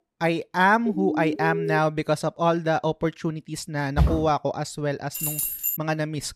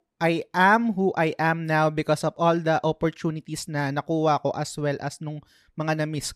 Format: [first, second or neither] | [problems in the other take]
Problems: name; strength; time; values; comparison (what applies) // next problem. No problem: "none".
second | siren; noticeable; at 1 s; peak 3 dB below the speech // footsteps; loud; at 4 s; peak 1 dB above the speech // jangling keys; loud; at 5 s; peak 1 dB above the speech